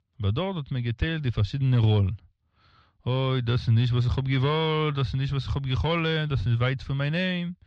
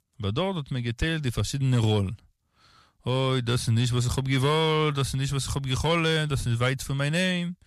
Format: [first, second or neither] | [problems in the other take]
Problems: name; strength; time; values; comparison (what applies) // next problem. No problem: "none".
second | muffled; slightly; fading above 4 kHz